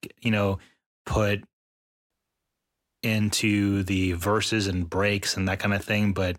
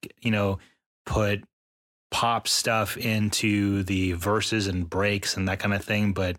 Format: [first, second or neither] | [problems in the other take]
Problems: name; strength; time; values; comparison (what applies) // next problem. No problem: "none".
second | audio cutting out; at 2 s for 1 s